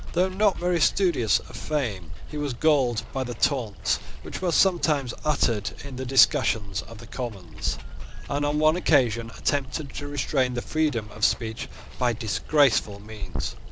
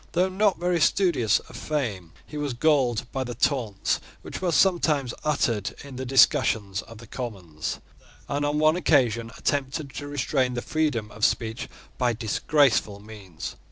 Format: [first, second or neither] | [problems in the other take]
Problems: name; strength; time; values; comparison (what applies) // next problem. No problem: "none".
second | background sound (Water); 6 dB below the speech